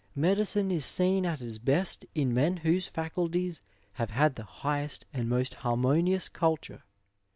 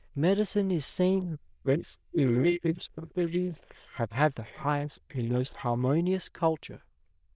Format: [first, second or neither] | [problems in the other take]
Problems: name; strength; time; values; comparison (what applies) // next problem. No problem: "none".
first | noise reduction (neural diffusion model UNIVERSE++)